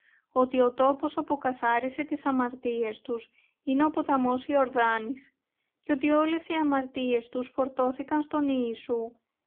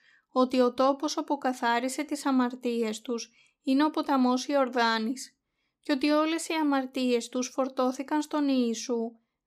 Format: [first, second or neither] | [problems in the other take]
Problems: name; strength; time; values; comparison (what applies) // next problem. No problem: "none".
second | phone-call audio; poor line; nothing above 3.5 kHz